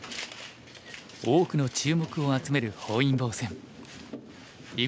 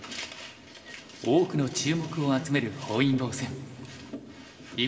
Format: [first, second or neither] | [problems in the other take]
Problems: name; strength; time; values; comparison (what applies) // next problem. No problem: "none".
first | room echo; dies away in 2 s